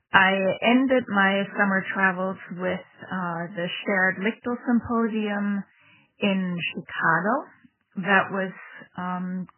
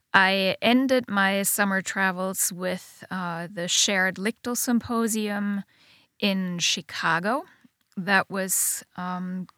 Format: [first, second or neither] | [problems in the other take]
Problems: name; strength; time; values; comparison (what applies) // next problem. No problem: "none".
second | garbled, watery; badly; nothing above 3 kHz